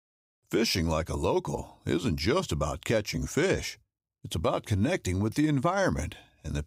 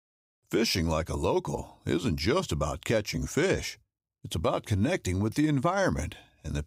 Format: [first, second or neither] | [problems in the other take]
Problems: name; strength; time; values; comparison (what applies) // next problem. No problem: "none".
neither | none